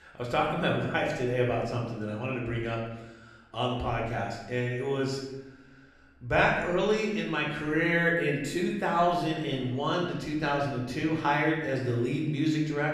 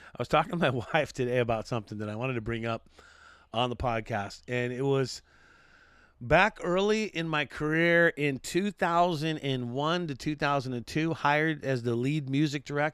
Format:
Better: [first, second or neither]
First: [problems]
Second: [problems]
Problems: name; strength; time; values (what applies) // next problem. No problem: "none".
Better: second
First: room echo; noticeable; dies away in 0.9 s // off-mic speech; far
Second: none